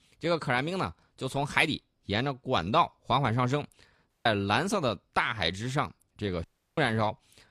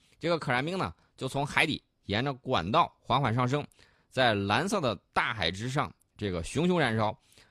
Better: second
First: audio cutting out; at 4 s and at 6.5 s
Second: none

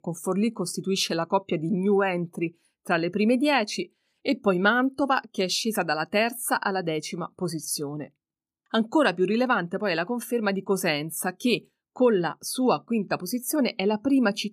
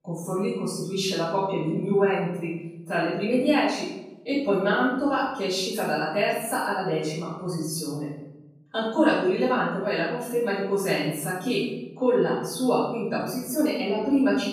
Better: first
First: none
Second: off-mic speech; far // room echo; strong; dies away in 1 s

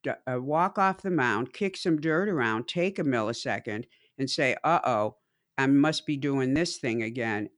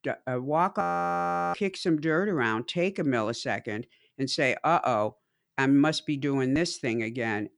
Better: first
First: none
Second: audio freezing; at 1 s for 0.5 s

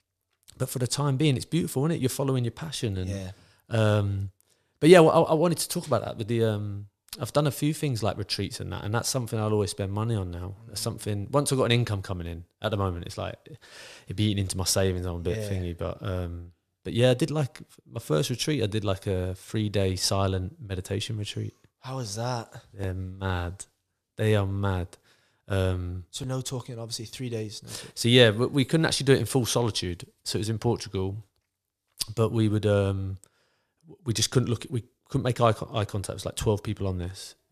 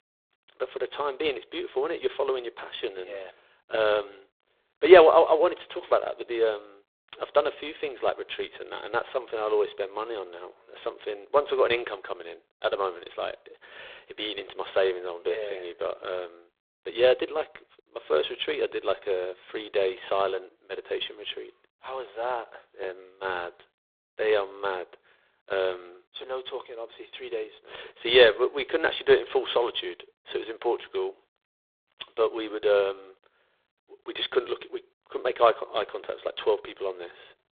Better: first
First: none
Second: phone-call audio; poor line

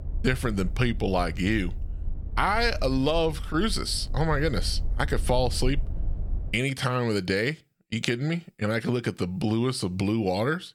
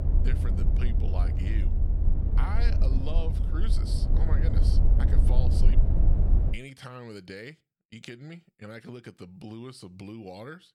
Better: first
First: low rumble; faint; until 6.5 s; 25 dB below the speech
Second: low rumble; loud; until 6.5 s; as loud as the speech

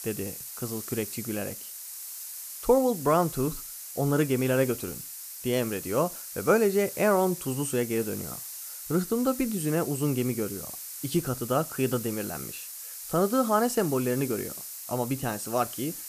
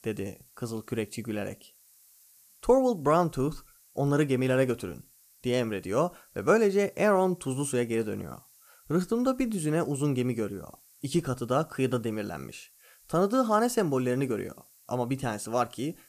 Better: second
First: hiss; loud; throughout; 9 dB below the speech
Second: hiss; faint; throughout; 30 dB below the speech

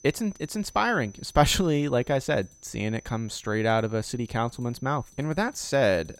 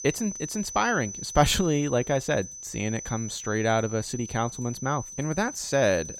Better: first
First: high-pitched whine; faint; throughout; 6 kHz, 25 dB below the speech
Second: high-pitched whine; loud; throughout; 6 kHz, 10 dB below the speech

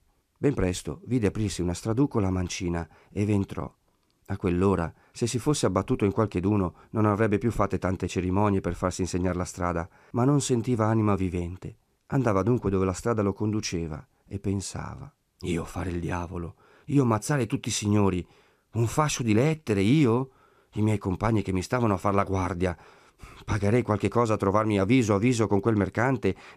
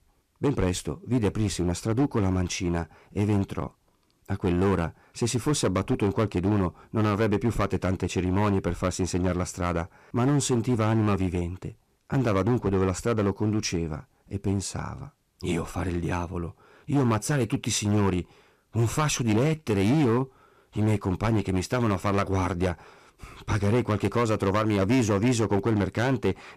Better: first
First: none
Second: distortion; slight; 8% of the sound clipped

